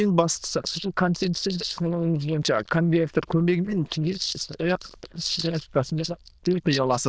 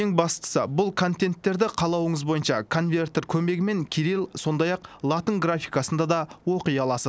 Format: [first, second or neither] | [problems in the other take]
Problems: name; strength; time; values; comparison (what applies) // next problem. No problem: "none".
second | noise reduction (neural diffusion model UNIVERSE++)